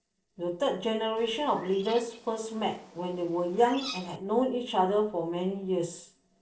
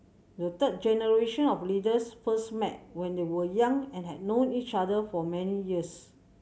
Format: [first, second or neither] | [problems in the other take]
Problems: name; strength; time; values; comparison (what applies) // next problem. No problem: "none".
second | noise reduction (neural separator model SepFormer DNS4)